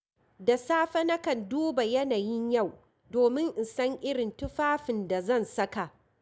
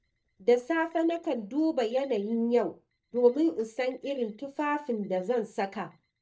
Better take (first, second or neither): first